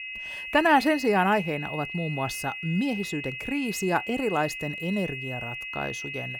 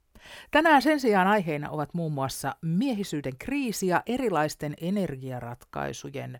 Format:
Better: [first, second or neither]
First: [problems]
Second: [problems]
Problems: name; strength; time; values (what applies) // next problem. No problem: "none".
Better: second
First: high-pitched whine; loud; throughout; 2.5 kHz, 7 dB below the speech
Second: none